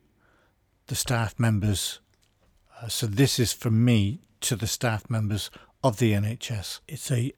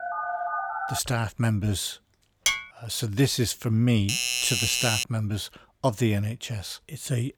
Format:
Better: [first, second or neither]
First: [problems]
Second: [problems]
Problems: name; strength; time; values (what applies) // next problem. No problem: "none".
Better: first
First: none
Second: phone ringing; noticeable; at the start; peak 2 dB below the speech // clattering dishes; loud; at 2.5 s; peak 2 dB above the speech // doorbell; loud; from 4 to 5 s; peak 4 dB above the speech